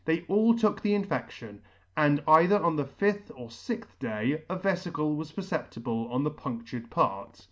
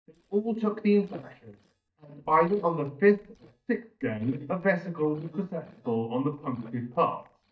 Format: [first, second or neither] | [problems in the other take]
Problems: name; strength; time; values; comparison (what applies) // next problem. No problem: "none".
first | noise reduction (neural mask model DeepFilterNet 3)